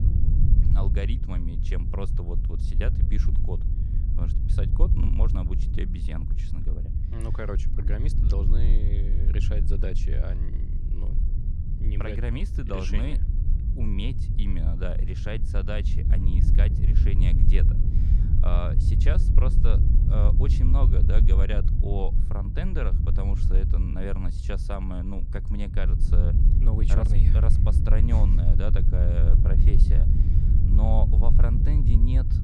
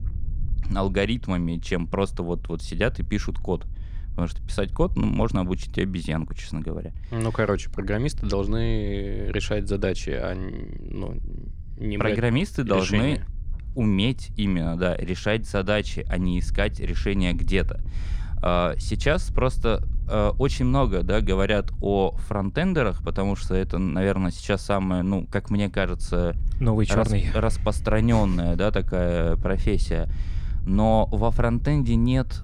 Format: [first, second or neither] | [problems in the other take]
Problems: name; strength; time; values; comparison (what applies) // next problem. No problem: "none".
second | low rumble; loud; throughout; 3 dB below the speech; faint in the second